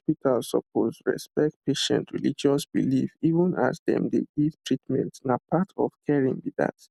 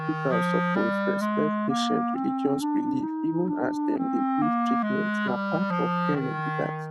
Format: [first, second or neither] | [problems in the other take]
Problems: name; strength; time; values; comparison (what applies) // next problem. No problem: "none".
first | noise reduction (neural mask model RNNoise)